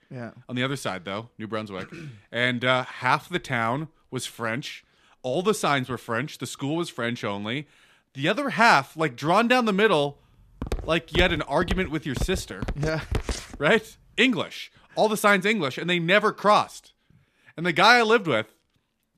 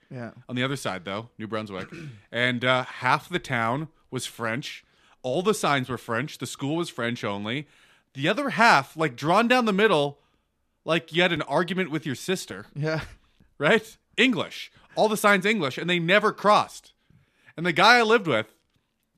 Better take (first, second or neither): second